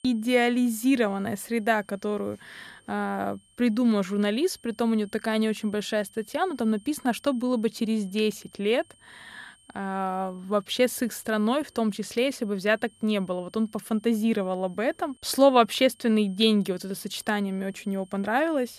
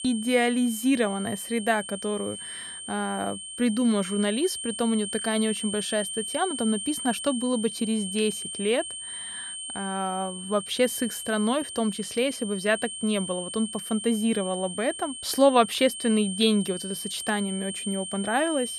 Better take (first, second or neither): first